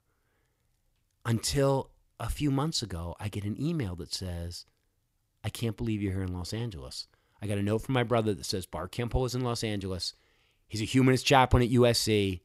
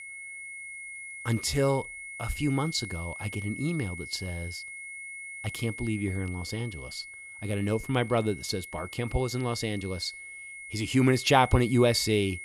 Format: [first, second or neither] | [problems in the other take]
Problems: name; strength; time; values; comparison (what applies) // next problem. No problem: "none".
first | high-pitched whine; noticeable; throughout; 2 kHz, 10 dB below the speech